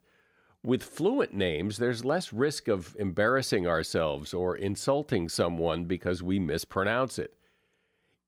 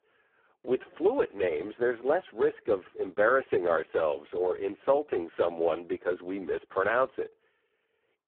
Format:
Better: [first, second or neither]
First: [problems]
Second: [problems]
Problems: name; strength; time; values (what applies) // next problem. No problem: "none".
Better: first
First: none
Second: phone-call audio; poor line; nothing above 3.5 kHz